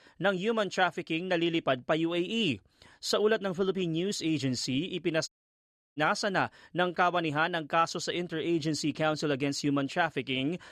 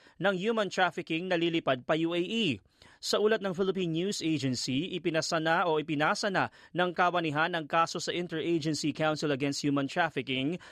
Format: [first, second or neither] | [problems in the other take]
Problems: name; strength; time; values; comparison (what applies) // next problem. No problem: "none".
second | audio cutting out; at 5.5 s for 0.5 s